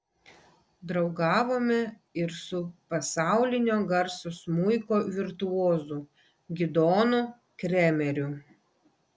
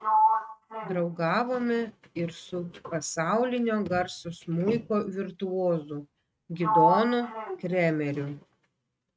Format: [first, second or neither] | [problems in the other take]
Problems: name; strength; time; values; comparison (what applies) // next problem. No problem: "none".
first | noise reduction (neural mask model RNNoise)